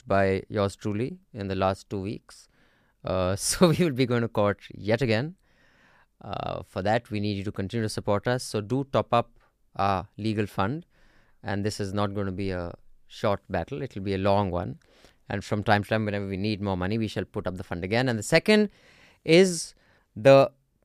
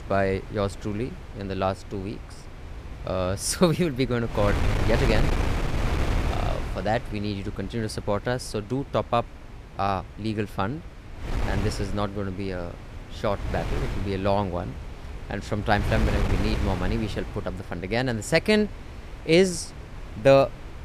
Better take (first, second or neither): first